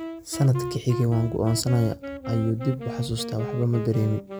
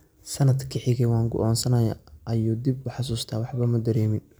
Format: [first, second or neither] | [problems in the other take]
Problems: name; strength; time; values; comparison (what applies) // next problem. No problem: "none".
second | background sound (Wind instrument, woodwind instrument); 10 dB below the speech